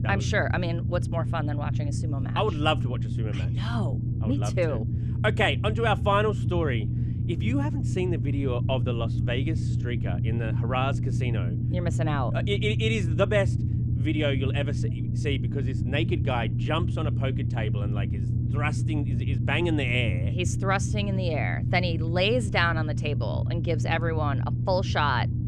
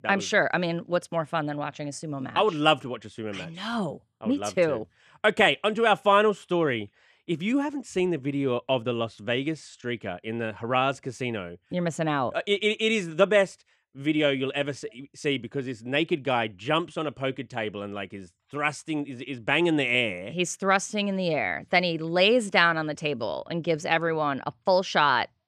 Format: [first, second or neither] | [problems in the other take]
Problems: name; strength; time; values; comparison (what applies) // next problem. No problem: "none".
second | low rumble; noticeable; throughout; 10 dB below the speech